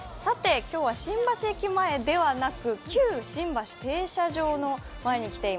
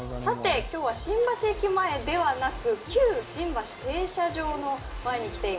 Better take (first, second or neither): first